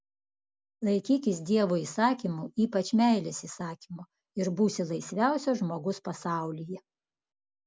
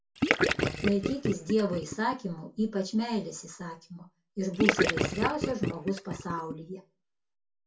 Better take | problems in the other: first | background sound (Gurgling / Liquid); 2 dB above the speech // room echo; dies away in 0.2 s

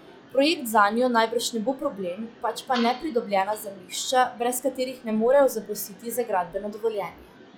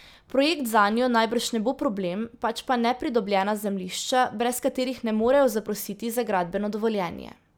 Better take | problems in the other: second | noise reduction (classical method log-MMSE)

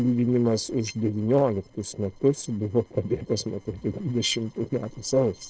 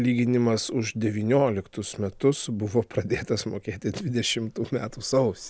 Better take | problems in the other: second | noise reduction (neural separator model SepFormer DNS4)

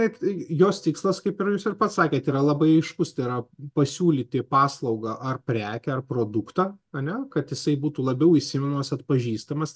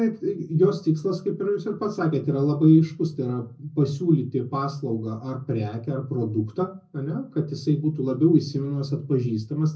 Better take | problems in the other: first | room echo; dies away in 0.4 s

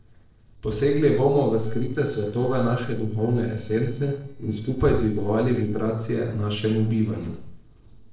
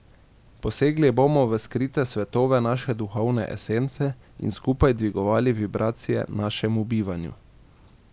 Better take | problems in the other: second | noise reduction (neural separator model SepFormer DNS4)

